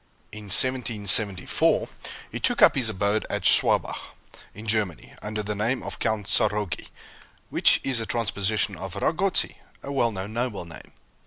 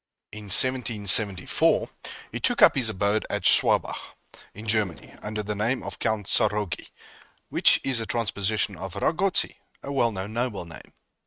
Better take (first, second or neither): first